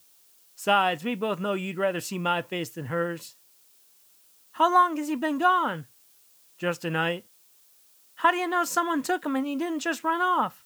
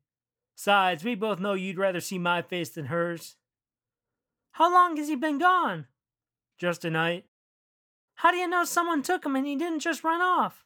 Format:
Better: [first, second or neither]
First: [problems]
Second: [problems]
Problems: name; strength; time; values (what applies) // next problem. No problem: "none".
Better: second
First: hiss; faint; throughout; 30 dB below the speech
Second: none